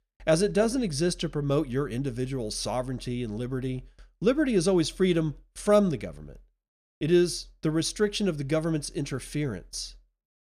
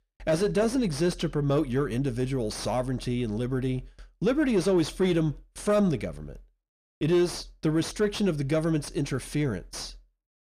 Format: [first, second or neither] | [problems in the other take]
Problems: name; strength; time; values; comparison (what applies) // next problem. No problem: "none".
first | distortion; slight; 10 dB below the speech